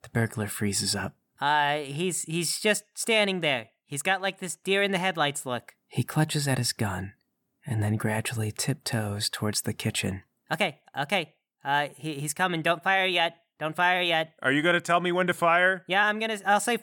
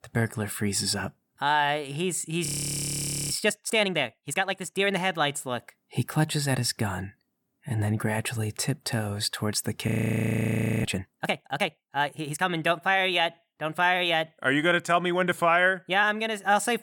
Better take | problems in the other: first | audio freezing; at 2.5 s for 1 s and at 10 s for 1 s

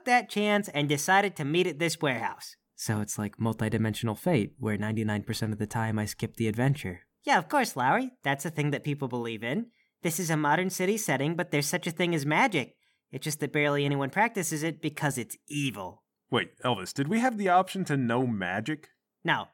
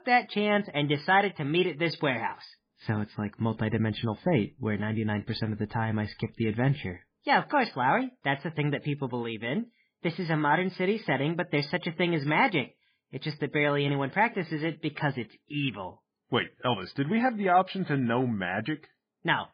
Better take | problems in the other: first | garbled, watery; badly

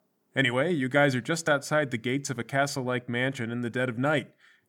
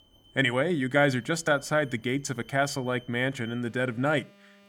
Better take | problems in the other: first | alarms or sirens; faint; throughout; 25 dB below the speech

